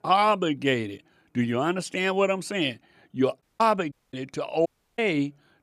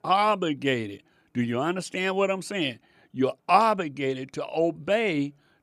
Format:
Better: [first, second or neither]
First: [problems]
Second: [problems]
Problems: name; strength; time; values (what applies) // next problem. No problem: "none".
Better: second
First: audio cutting out; at 3.5 s, at 4 s and at 4.5 s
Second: none